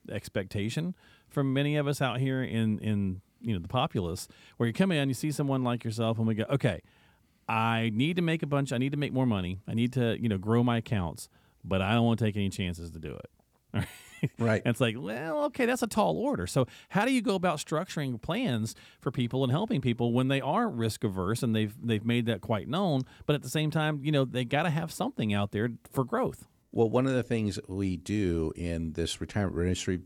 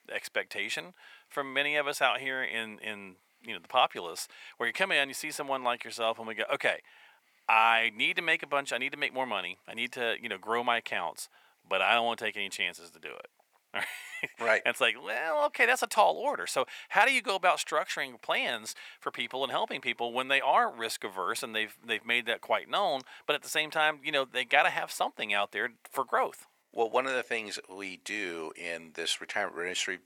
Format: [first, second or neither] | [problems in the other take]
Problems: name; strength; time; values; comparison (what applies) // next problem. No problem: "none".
first | thin; very; fading below 750 Hz